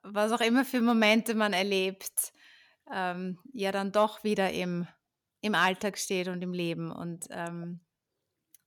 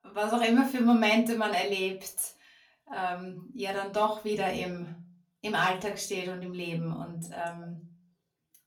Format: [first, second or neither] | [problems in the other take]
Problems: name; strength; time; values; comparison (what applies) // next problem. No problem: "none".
first | off-mic speech; far // room echo; very slight; dies away in 0.3 s